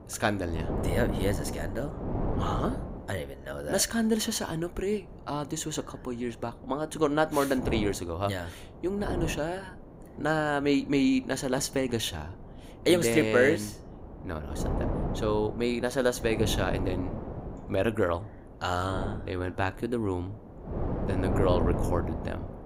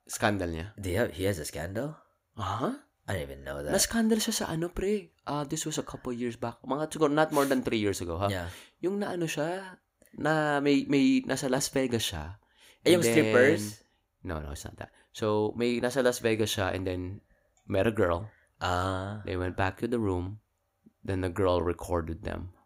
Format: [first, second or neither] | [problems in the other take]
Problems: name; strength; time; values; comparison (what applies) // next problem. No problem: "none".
second | wind noise on the microphone; heavy; 9 dB below the speech